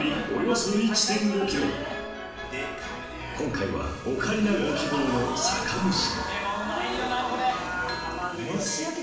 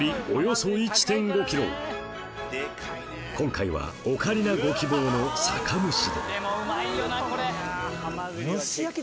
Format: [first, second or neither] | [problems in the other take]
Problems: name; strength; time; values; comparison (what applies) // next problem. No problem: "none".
second | background sound (Bell); 17 dB below the speech // room echo; dies away in 0.9 s